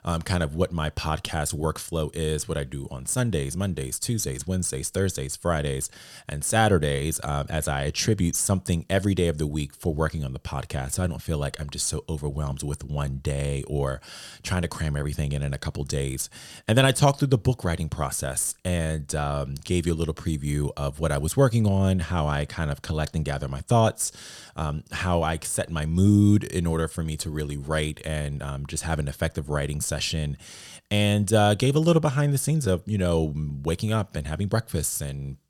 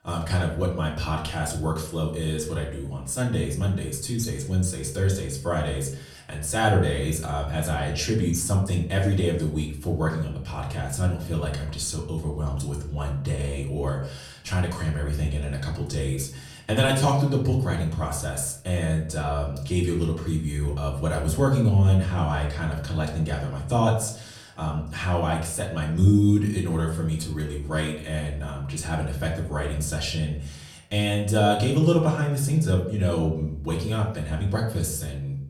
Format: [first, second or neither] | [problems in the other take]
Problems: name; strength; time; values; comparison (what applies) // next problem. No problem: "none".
first | off-mic speech; far // room echo; slight; dies away in 0.5 s